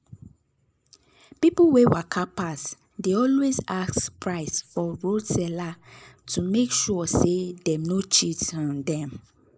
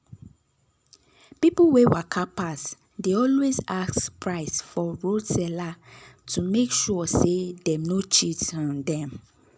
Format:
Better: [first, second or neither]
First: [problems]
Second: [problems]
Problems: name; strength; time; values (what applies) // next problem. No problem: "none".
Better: second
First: noise reduction (neural mask model Resemble Enhance denoiser)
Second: none